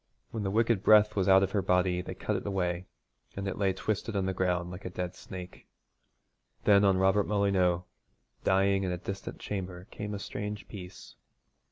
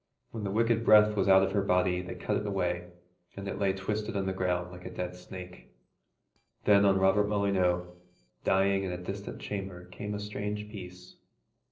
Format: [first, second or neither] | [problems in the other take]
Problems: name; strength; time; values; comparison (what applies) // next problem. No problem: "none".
first | noise reduction (neural separator model SepFormer DNS4)